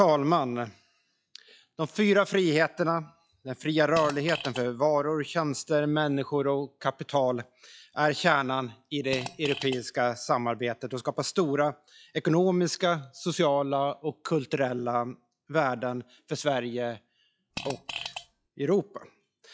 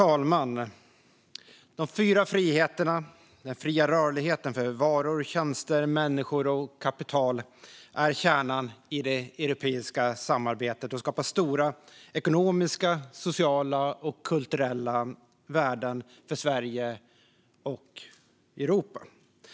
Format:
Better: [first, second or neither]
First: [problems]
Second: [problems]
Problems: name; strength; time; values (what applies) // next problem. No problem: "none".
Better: second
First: noise reduction (classical method log-MMSE)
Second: none